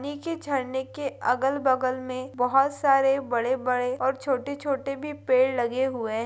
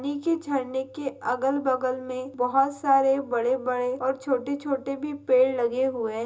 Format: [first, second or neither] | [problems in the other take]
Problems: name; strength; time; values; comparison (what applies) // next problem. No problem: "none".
first | room echo; dies away in 0.2 s